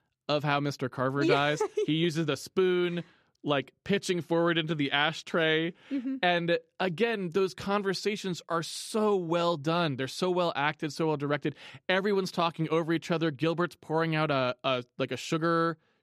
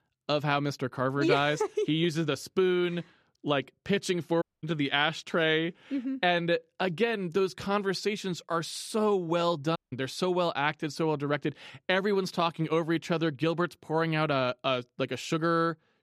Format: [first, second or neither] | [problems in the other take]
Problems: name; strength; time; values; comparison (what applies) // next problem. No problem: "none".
first | audio cutting out; at 4.5 s and at 10 s